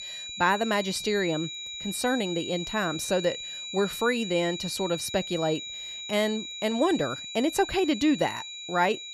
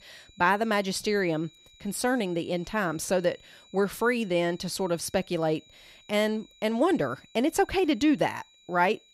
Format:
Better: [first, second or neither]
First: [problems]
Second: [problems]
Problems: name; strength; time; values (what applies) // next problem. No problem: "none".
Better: second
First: high-pitched whine; loud; throughout; 4 kHz, 7 dB below the speech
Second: high-pitched whine; faint; throughout; 4 kHz, 25 dB below the speech